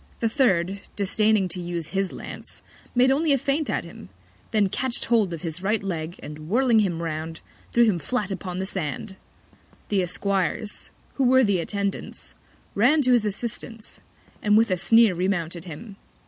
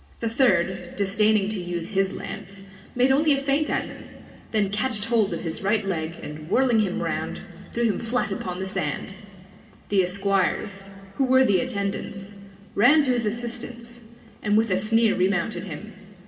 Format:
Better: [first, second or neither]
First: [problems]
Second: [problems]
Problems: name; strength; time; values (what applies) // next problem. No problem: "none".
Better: first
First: none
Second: room echo; dies away in 2.3 s